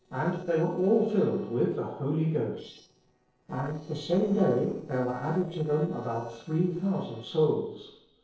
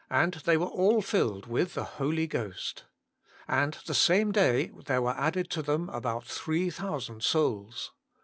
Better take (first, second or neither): second